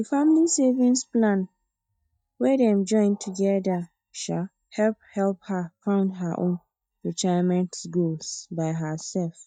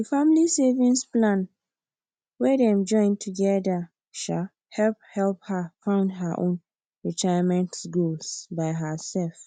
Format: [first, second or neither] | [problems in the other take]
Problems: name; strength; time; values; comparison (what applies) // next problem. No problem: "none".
second | noise reduction (neural mask model DeepFilterNet 3)